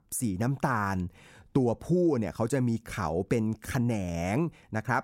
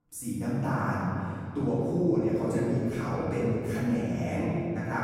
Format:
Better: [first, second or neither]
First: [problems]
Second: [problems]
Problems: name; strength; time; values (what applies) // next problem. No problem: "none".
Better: first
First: none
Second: off-mic speech; far // room echo; strong; dies away in 2.7 s